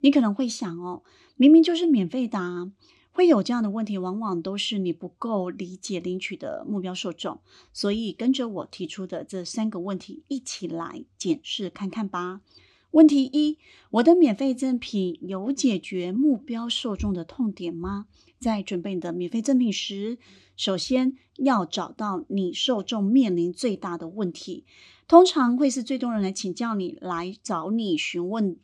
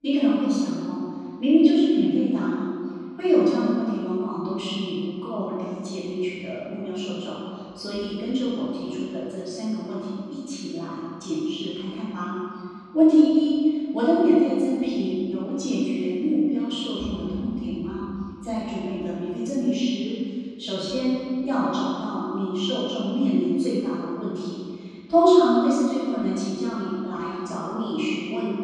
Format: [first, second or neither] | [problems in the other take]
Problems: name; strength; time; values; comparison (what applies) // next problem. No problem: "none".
first | off-mic speech; far // room echo; strong; dies away in 2.2 s